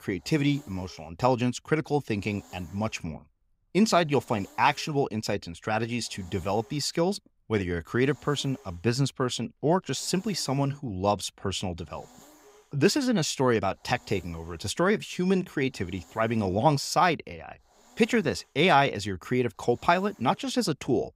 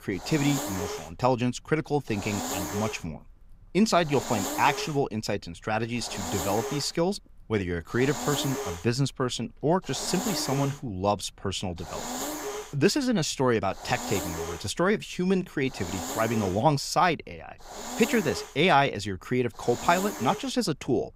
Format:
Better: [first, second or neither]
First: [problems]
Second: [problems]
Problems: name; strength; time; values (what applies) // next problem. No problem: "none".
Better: first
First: hiss; faint; throughout; 30 dB below the speech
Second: hiss; loud; throughout; 7 dB below the speech